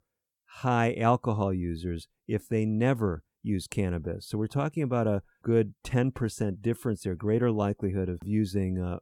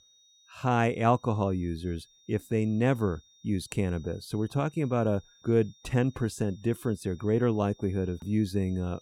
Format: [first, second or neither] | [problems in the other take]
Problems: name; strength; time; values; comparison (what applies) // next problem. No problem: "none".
first | high-pitched whine; faint; throughout; 3.5 kHz, 30 dB below the speech